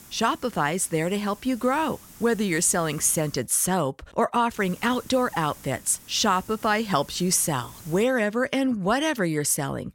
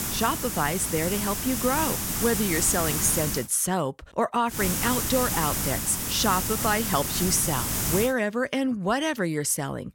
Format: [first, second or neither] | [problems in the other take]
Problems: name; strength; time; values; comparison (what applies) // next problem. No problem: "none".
first | hiss; loud; until 3.5 s and from 4.5 to 8 s; 1 dB below the speech; faint in the first